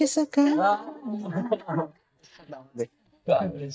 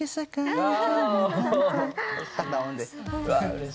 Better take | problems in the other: second | noise reduction (neural mask model DeepFilterNet 3)

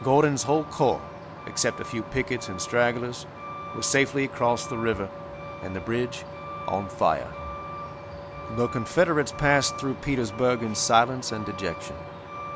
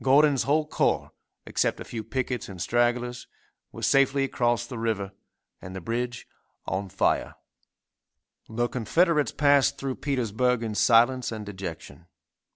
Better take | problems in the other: second | background sound (Truck); 11 dB below the speech

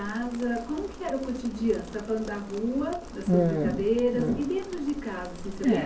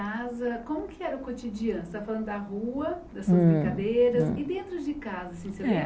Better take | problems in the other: second | background sound (Rain); 19 dB below the speech // room echo; dies away in 0.1 s

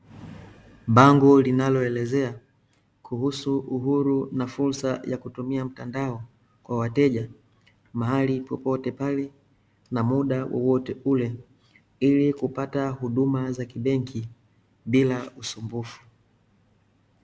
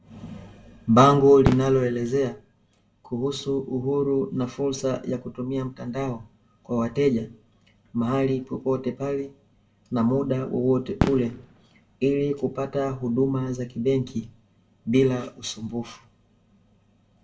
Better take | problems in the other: first | background sound (Fireworks); 8 dB below the speech // room echo; dies away in 0.2 s

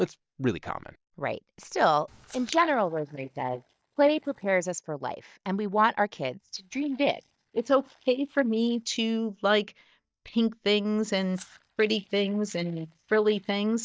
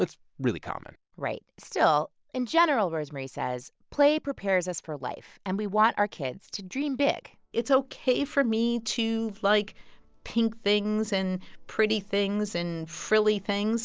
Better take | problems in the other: second | noise reduction (neural mask model DeepFilterNet 3)

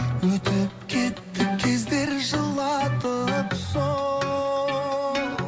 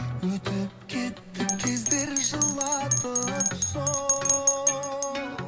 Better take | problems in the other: first | background sound (Bell); 1 dB above the speech

